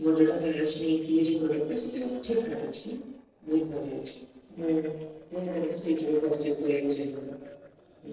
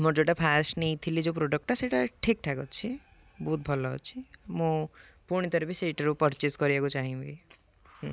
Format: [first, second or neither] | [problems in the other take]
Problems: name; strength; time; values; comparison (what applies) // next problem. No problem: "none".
second | noise reduction (neural separator model SepFormer DNS4)